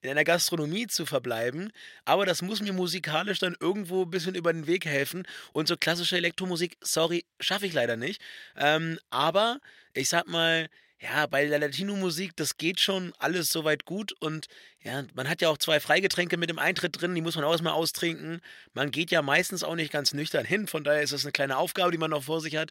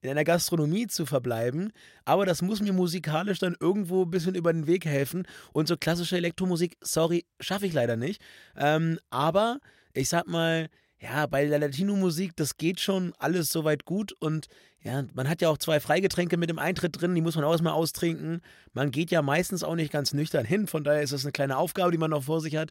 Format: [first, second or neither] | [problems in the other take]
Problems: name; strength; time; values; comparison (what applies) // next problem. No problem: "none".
second | thin; very slightly; fading below 300 Hz